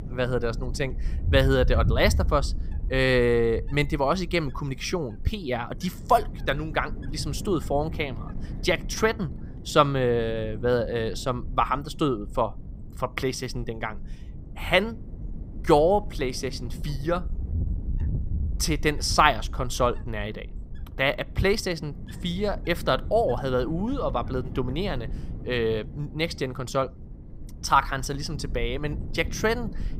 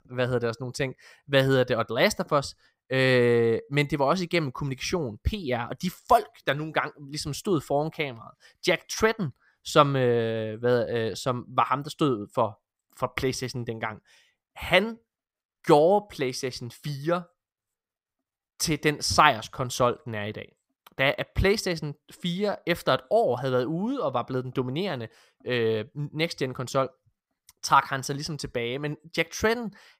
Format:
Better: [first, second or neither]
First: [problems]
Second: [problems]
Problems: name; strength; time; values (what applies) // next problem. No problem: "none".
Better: second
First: wind noise on the microphone; occasional gusts; 20 dB below the speech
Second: none